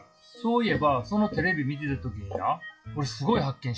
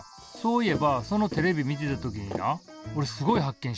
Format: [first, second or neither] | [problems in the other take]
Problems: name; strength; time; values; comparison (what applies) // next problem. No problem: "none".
second | noise reduction (classical method WPE with log-MMSE)